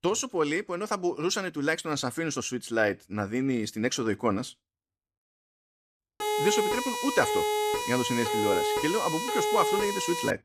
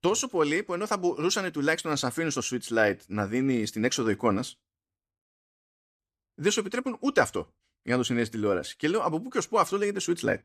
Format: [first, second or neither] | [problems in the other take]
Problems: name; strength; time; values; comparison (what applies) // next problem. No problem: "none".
second | siren; loud; from 6 s on; peak 2 dB above the speech